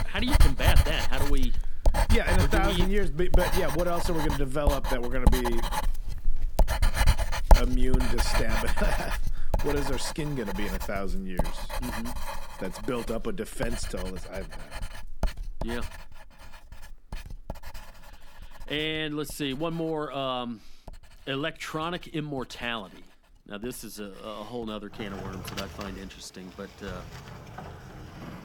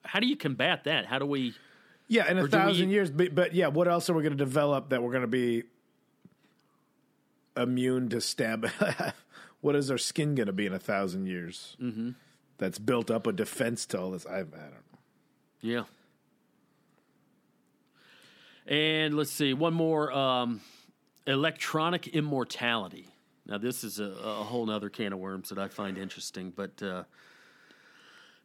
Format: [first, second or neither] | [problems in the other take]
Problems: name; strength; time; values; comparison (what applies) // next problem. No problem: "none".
second | household noises; very loud; throughout; 2 dB above the speech